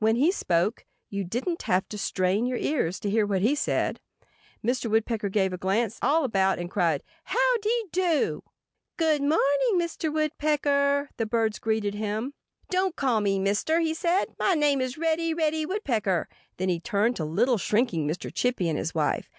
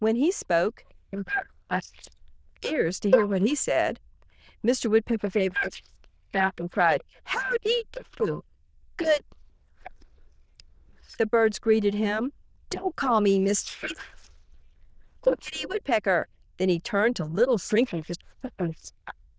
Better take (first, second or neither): first